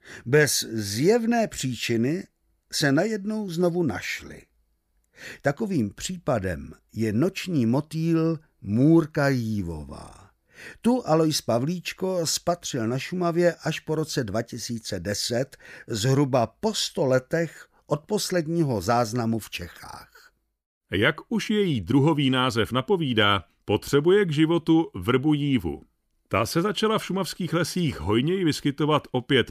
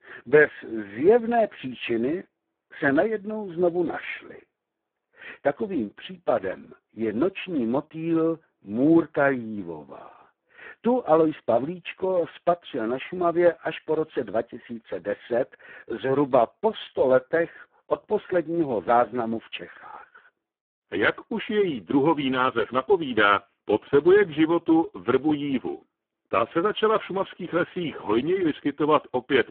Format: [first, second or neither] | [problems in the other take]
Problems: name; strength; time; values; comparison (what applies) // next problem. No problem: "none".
first | phone-call audio; poor line